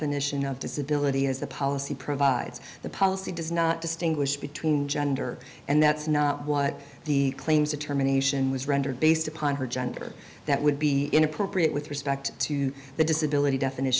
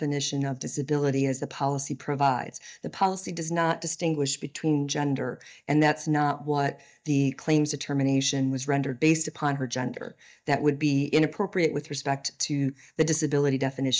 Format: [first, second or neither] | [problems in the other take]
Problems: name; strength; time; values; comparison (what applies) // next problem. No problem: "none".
first | noise reduction (neural mask model DeepFilterNet 3)